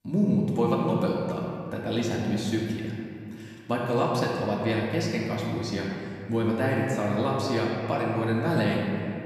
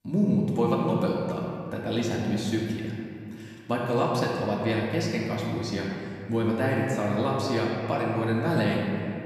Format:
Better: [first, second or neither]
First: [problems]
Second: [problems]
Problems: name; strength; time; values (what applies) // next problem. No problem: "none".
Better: neither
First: room echo; noticeable; dies away in 2.3 s // off-mic speech; far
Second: room echo; noticeable; dies away in 2.3 s // off-mic speech; far